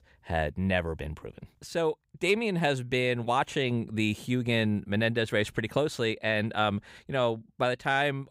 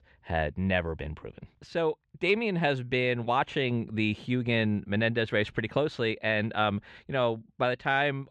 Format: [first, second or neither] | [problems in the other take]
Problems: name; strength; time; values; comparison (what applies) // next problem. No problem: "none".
first | muffled; very slightly; fading above 3 kHz